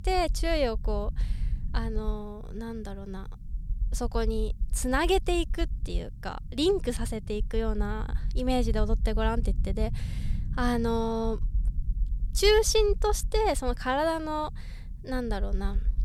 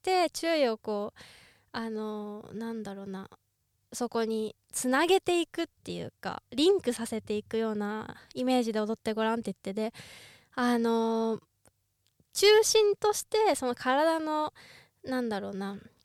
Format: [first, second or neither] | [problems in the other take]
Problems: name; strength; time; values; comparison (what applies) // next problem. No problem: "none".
second | low rumble; faint; throughout; 25 dB below the speech